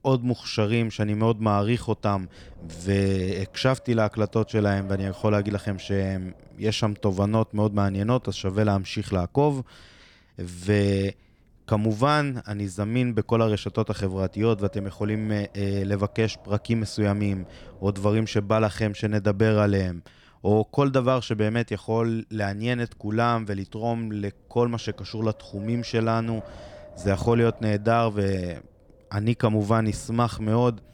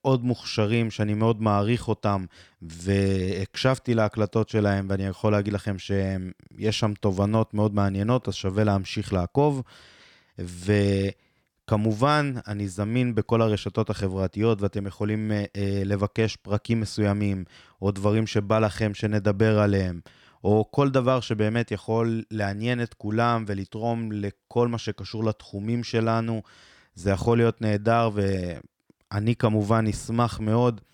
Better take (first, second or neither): second